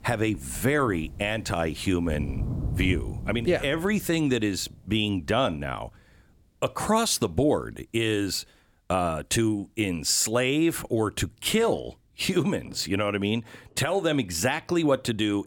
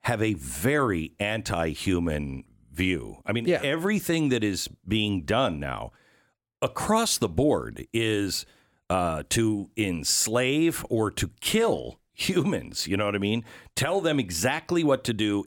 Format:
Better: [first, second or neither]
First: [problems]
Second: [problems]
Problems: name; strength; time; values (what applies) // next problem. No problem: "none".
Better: second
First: rain or running water; noticeable; throughout; 10 dB below the speech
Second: none